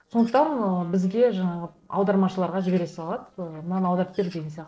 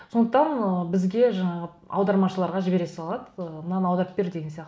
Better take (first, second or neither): second